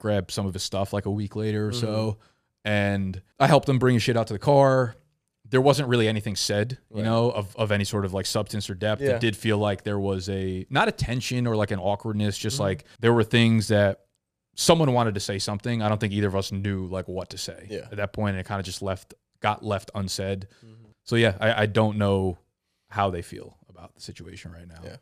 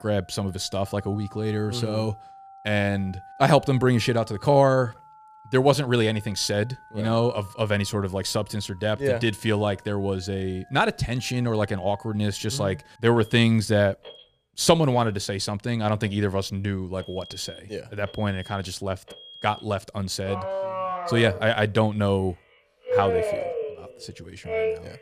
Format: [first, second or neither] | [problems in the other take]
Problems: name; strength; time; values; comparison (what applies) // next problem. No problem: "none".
first | alarms or sirens; loud; throughout; 9 dB below the speech